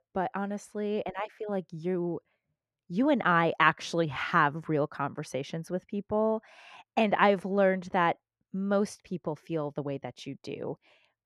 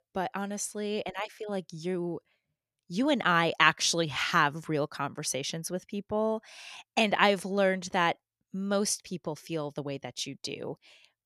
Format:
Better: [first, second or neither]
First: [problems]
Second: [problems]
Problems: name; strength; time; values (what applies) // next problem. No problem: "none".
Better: second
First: muffled; very; fading above 3 kHz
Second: none